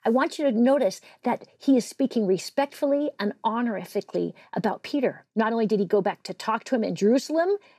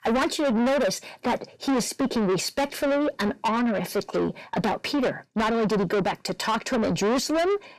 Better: first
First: none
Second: distortion; heavy; 6 dB below the speech

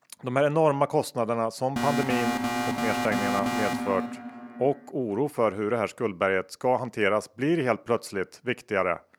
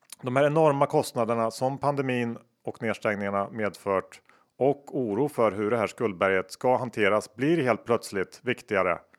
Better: second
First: alarm; noticeable; from 2 to 4.5 s; peak level with the speech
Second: none

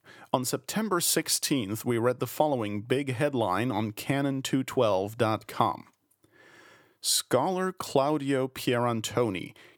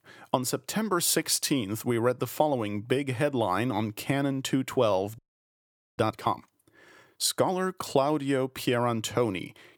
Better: first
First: none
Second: audio freezing; at 5 s for 1 s

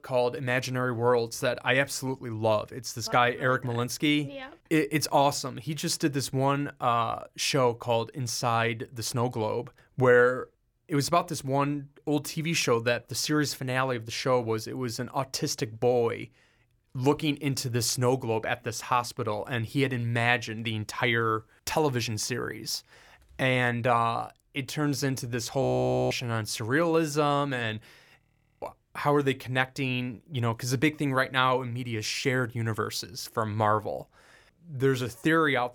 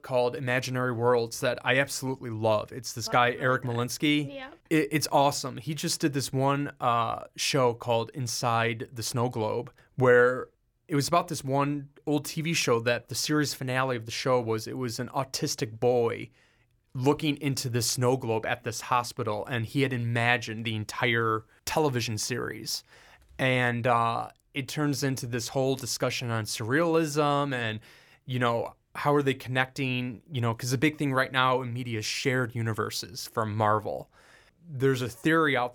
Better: second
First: audio freezing; at 26 s and at 28 s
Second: none

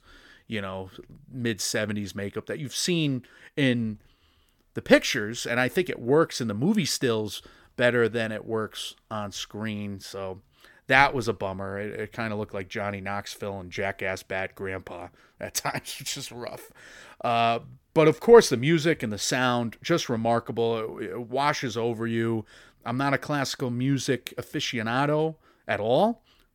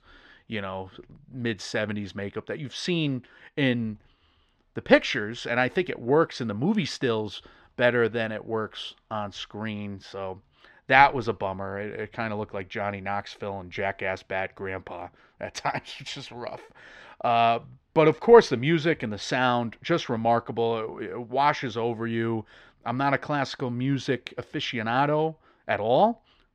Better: first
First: none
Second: muffled; slightly; fading above 3.5 kHz

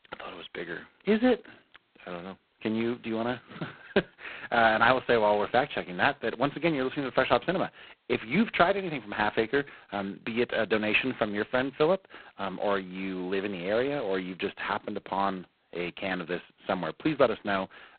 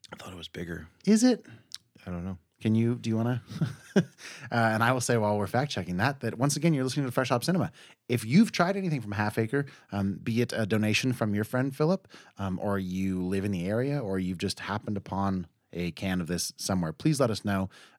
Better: second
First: phone-call audio; poor line; nothing above 4 kHz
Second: none

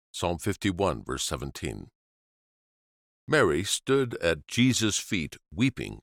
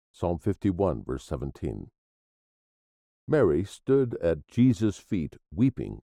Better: first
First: none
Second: muffled; very; fading above 1 kHz

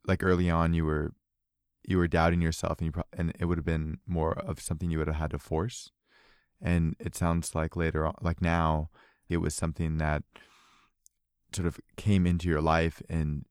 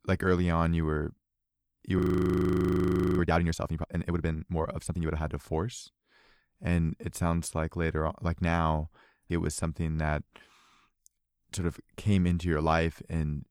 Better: first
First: none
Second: audio freezing; at 2 s for 1 s

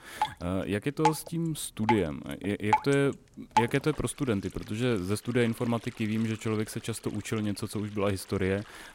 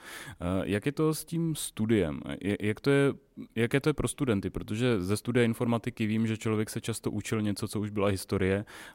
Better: second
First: rain or running water; loud; throughout; 1 dB below the speech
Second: none

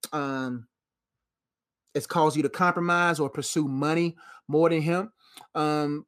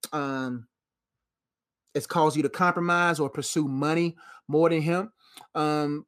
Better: neither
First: none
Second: none

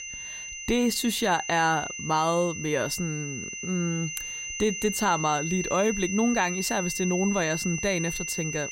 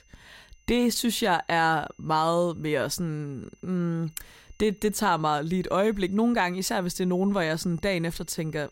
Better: second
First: high-pitched whine; loud; throughout; 3 kHz, 6 dB below the speech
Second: high-pitched whine; faint; throughout; 3 kHz, 35 dB below the speech

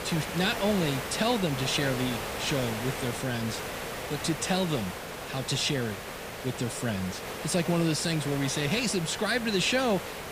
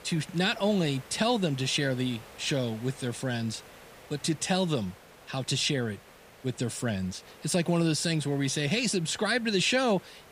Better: second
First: hiss; loud; throughout; 6 dB below the speech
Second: hiss; faint; throughout; 20 dB below the speech

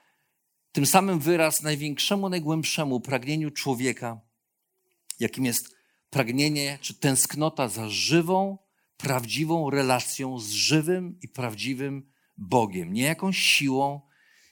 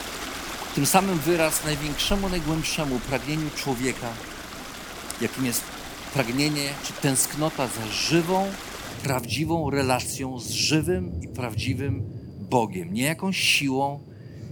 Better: first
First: none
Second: rain or running water; noticeable; throughout; 10 dB below the speech

